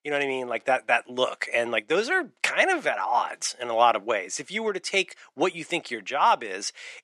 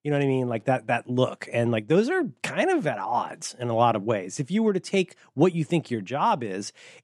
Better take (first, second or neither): second